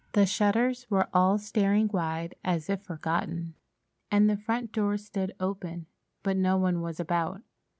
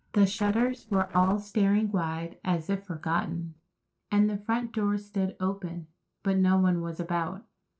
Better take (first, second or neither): first